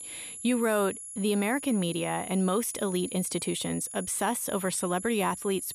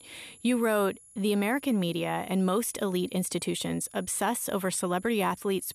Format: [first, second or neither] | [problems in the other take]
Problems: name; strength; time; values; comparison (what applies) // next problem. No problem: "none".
second | high-pitched whine; loud; throughout; 10.5 kHz, 10 dB below the speech; faint in the second